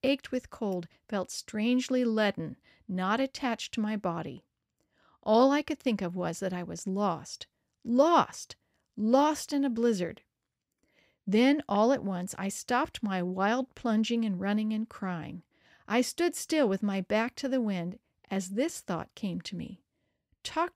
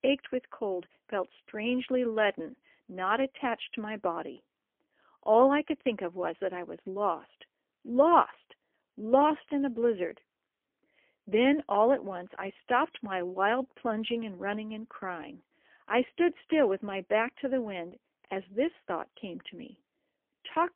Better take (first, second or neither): first